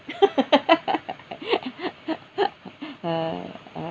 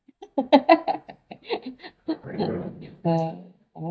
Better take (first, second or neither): first